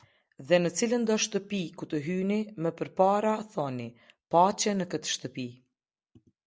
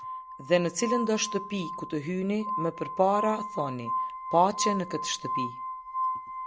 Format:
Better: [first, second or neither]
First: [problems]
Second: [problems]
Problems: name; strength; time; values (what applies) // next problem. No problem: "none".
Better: first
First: none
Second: background sound (Glass); 5 dB below the speech